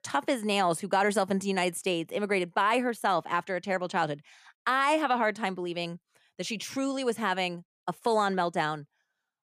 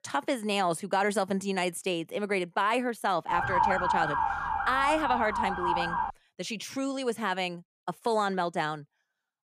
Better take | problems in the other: first | siren; loud; from 3.5 to 6 s; peak 4 dB above the speech

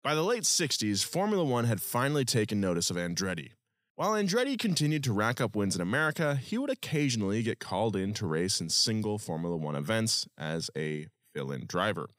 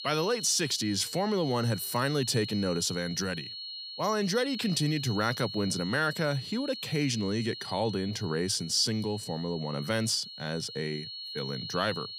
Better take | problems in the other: first | high-pitched whine; loud; throughout; 4.5 kHz, 9 dB below the speech

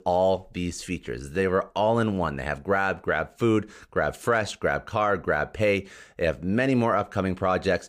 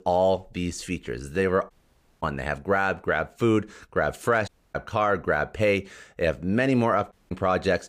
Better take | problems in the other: first | audio cutting out; at 1.5 s for 0.5 s, at 4.5 s and at 7 s

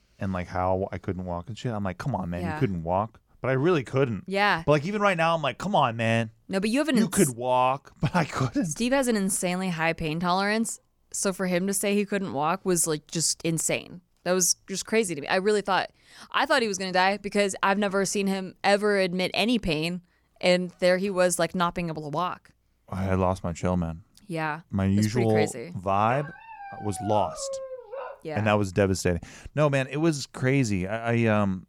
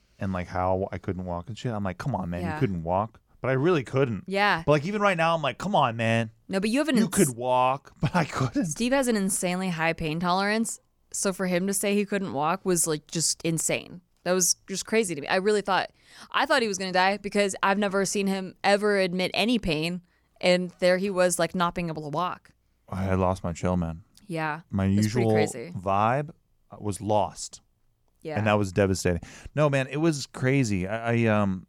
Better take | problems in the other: second | dog barking; noticeable; from 26 to 28 s; peak 10 dB below the speech

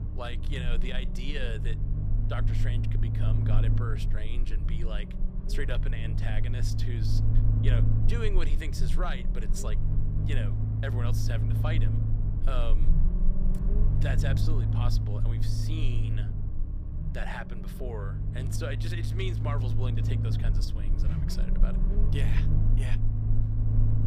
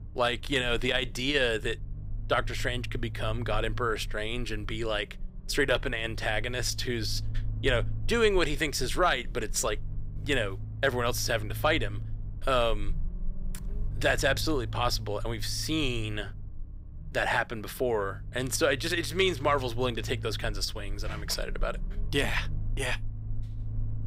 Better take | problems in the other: second | low rumble; loud; throughout; 3 dB below the speech; faint in the second

